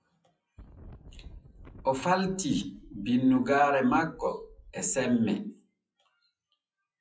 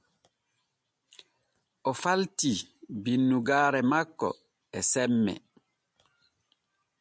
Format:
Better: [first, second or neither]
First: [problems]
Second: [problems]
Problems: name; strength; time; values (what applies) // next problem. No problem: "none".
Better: second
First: noise reduction (classical method WPE with log-MMSE)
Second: none